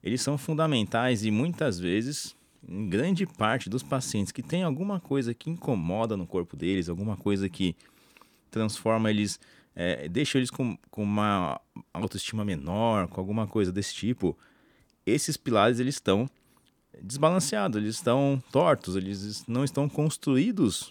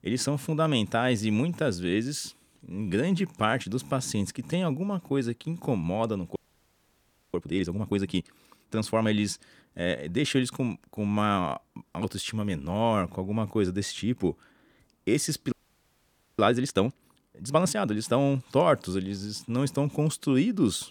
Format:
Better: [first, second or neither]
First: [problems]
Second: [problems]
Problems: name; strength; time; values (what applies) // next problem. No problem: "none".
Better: first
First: none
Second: audio freezing; at 6.5 s for 1 s and at 16 s for 1 s